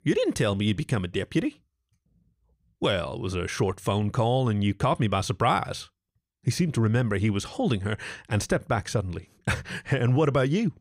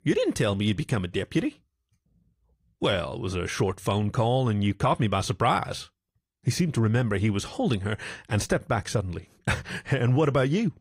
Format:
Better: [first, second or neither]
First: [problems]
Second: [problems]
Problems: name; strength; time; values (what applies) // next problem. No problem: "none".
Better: first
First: none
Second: garbled, watery; slightly; nothing above 15.5 kHz